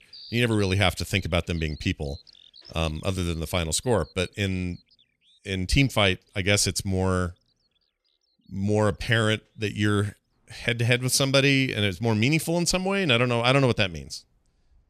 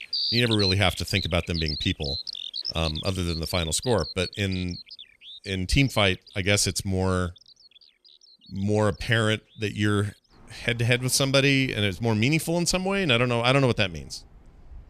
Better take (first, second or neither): first